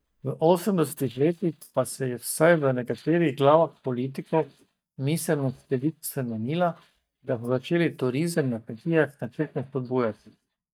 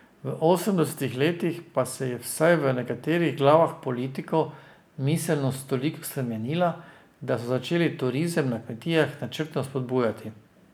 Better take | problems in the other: second | noise reduction (neural mask model DeepFilterNet 3)

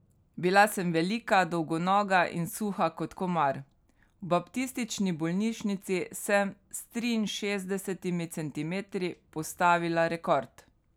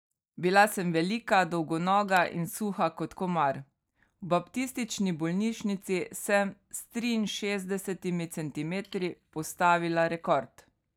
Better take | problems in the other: first | noise reduction (neural mask model DeepFilterNet 3)

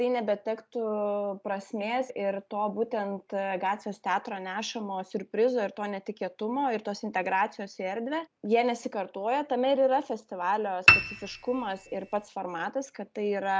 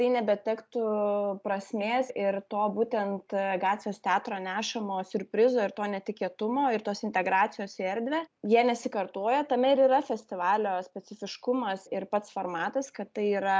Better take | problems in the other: second | background sound (Piano); 4 dB above the speech

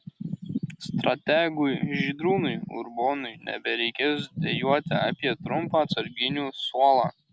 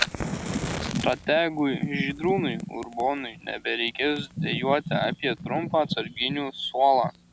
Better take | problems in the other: first | background sound (Fire); 12 dB below the speech

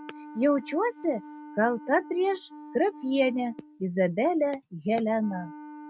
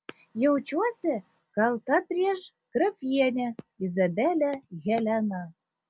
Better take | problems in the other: second | noise reduction (neural mask model RNNoise)

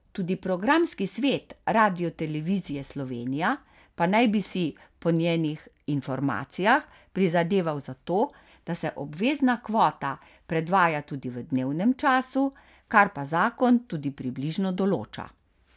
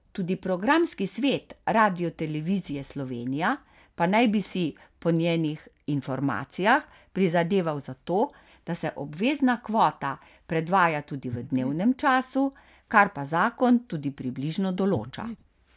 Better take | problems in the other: first | background sound (Breathing); 11 dB below the speech

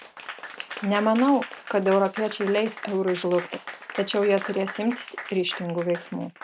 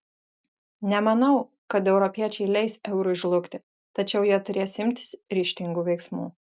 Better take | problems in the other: second | background sound (Applause / Crowd); 13 dB below the speech

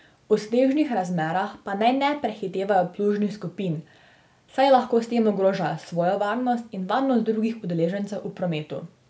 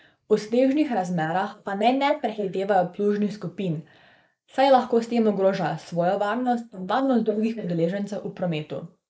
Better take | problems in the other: first | noise reduction (neural mask model Resemble Enhance denoiser)

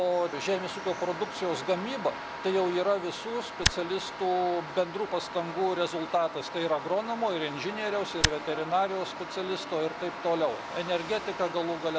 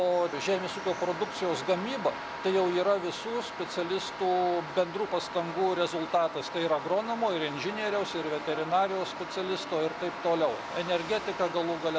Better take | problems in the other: second | background sound (Tick); as loud as the speech

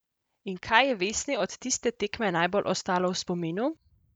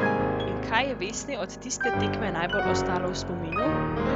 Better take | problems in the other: first | background sound (Piano); 3 dB above the speech

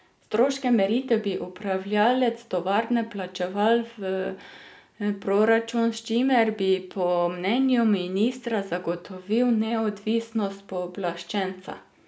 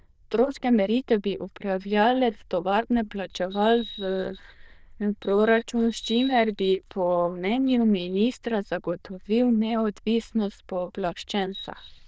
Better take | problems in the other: first | noise reduction (neural diffusion model UNIVERSE++)

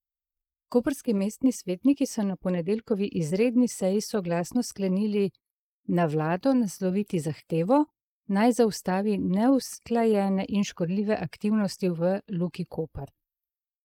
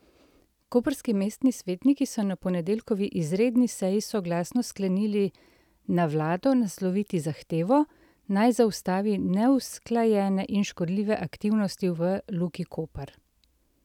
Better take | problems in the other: second | noise reduction (neural mask model Resemble Enhance denoiser)

